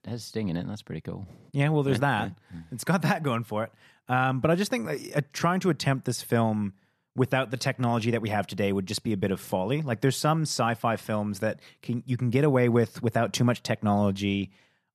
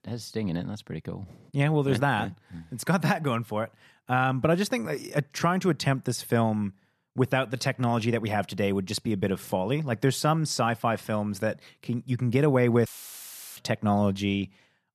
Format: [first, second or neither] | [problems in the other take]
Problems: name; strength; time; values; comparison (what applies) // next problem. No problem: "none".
first | audio cutting out; filled with static; at 13 s for 0.5 s